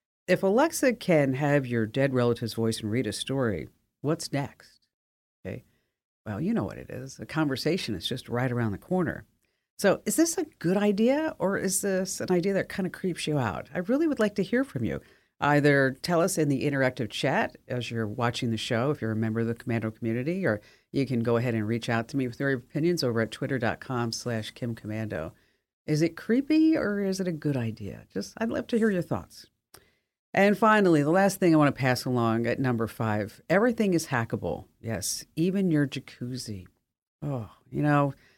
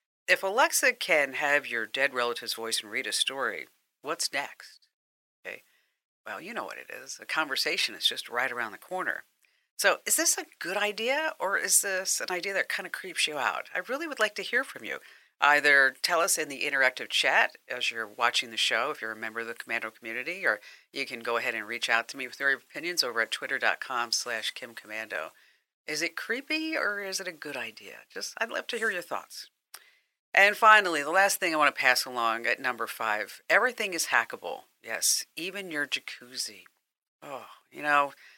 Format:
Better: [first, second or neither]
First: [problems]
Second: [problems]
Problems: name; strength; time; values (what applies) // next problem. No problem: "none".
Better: first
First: none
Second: thin; very; fading below 950 Hz